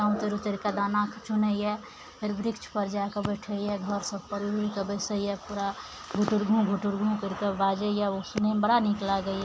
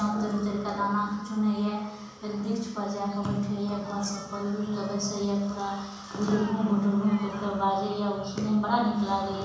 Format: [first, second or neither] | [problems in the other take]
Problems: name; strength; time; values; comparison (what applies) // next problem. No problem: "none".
first | background sound (Bowed string instrument); 20 dB below the speech // room echo; dies away in 1 s